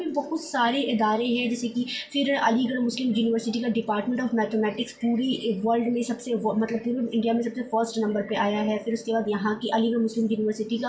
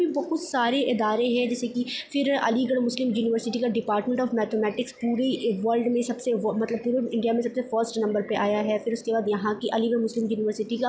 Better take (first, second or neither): second